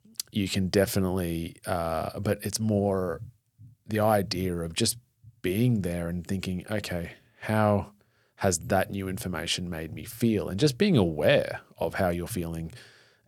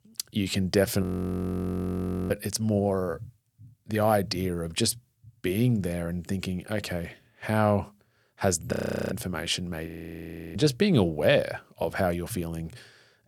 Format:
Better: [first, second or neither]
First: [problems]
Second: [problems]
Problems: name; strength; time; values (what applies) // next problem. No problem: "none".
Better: first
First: none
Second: audio freezing; at 1 s for 1.5 s, at 8.5 s and at 10 s for 0.5 s